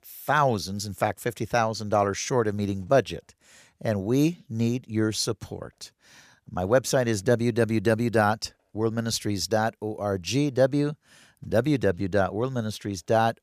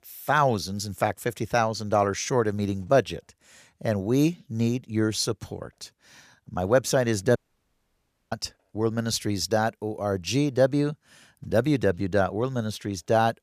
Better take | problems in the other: first | audio cutting out; at 7.5 s for 1 s

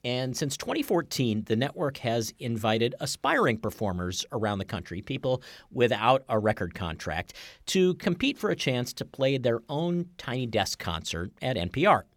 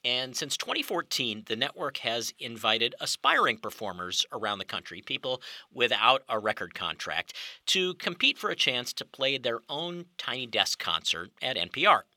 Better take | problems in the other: first | thin; somewhat; fading below 650 Hz

